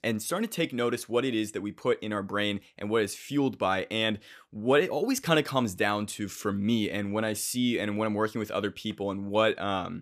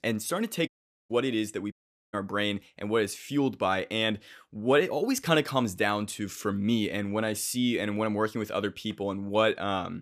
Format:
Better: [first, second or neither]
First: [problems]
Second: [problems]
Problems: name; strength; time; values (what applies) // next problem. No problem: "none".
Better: first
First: none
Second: audio cutting out; at 0.5 s and at 1.5 s